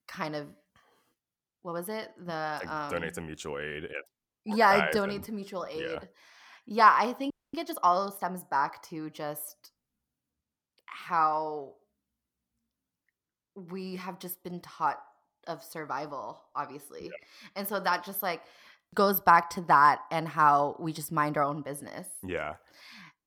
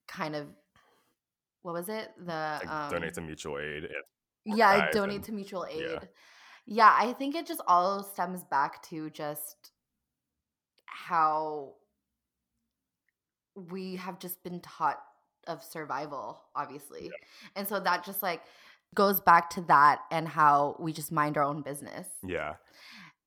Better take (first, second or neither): second